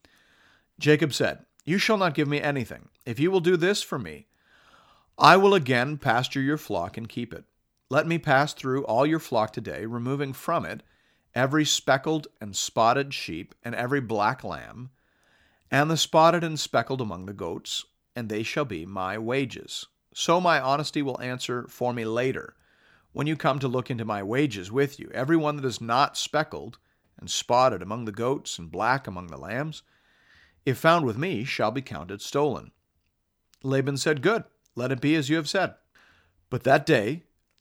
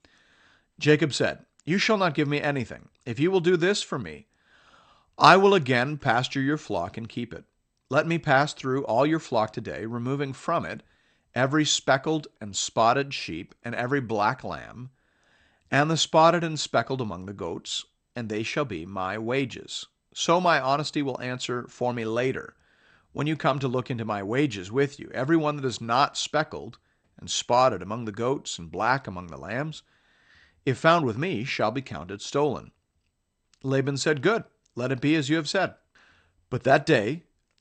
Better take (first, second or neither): first